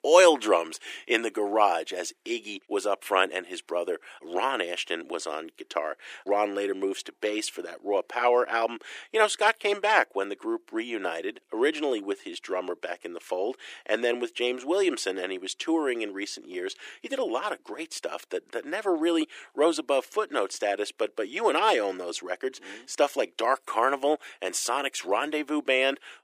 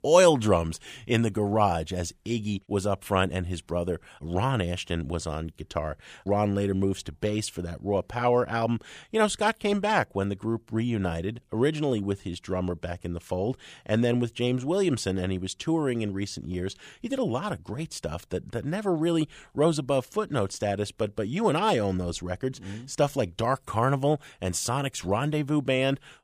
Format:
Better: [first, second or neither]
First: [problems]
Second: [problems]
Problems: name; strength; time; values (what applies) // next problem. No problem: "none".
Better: second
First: thin; very; fading below 300 Hz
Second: none